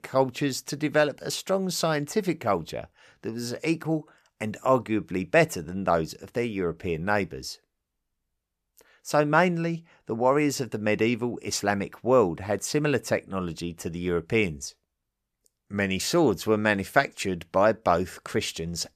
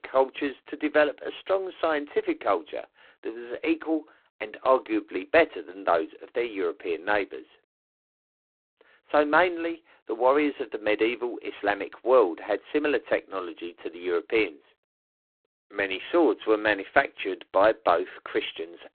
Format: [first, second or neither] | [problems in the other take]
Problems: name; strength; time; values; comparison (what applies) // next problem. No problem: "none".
first | phone-call audio; poor line; nothing above 4 kHz